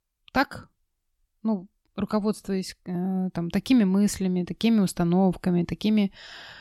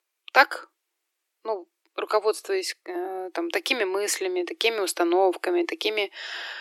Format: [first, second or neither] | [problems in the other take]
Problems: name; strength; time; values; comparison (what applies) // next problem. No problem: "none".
first | thin; very; fading below 350 Hz